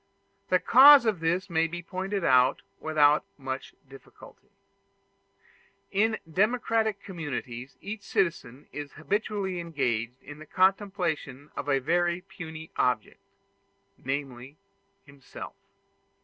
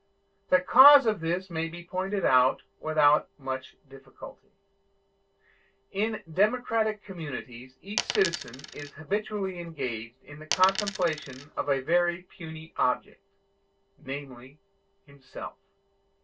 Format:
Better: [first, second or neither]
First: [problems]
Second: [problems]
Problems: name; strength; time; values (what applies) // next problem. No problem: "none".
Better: first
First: none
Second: background sound (Coin (dropping)); 6 dB below the speech // room echo; dies away in 0.1 s